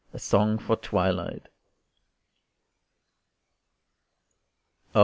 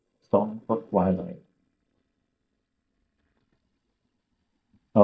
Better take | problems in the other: first | noise reduction (neural mask model DeepFilterNet 3)

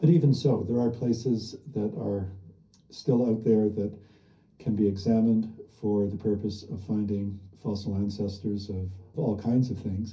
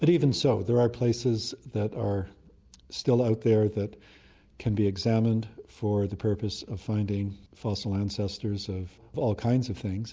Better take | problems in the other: second | room echo; dies away in 0.3 s

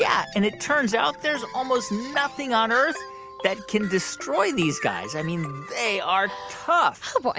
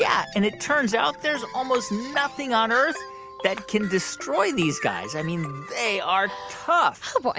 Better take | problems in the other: first | background sound (Clapping); 18 dB below the speech

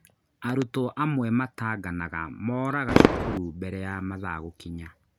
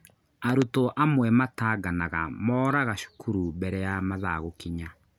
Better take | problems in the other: second | background sound (Fireworks); as loud as the speech

